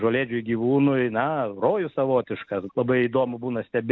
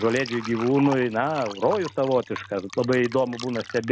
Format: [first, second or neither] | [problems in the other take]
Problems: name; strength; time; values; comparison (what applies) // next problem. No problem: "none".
first | background sound (Fill (with liquid)); 14 dB below the speech